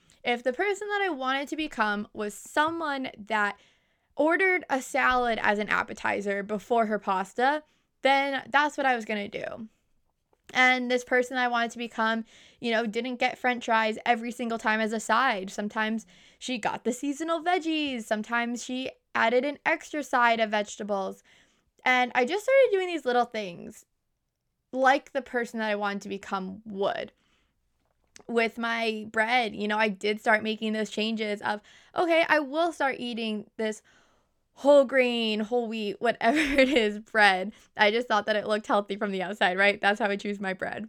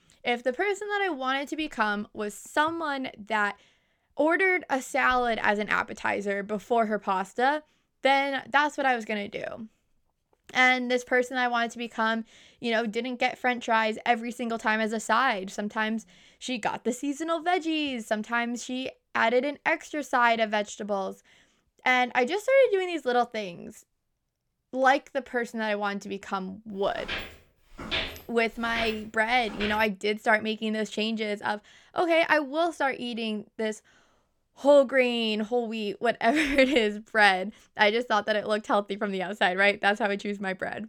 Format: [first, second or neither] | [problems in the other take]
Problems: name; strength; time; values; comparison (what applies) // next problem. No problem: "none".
first | footsteps; noticeable; from 27 to 30 s; peak 4 dB below the speech